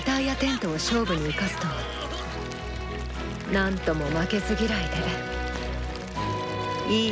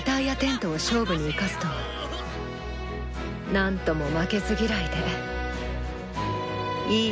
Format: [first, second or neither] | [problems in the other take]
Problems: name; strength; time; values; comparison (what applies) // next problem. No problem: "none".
second | background sound (Stream / Liquid); 16 dB below the speech